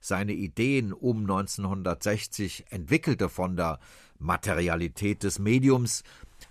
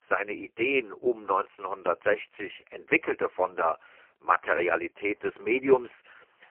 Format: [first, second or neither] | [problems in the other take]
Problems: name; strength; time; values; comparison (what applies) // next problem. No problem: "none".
first | phone-call audio; poor line; nothing above 2.5 kHz